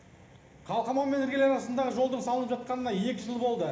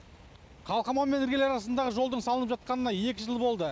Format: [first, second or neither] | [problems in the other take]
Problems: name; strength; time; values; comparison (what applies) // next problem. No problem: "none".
second | room echo; dies away in 1 s